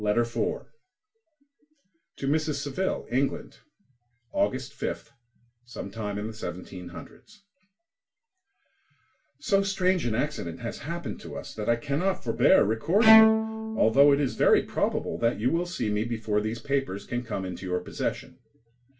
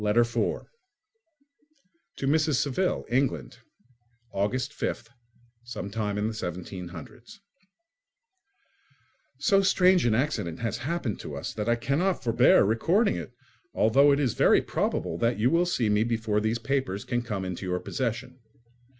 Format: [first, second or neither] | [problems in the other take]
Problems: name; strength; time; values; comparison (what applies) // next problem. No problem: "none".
second | background sound (Bowed string instrument); 1 dB above the speech // room echo; dies away in 0.2 s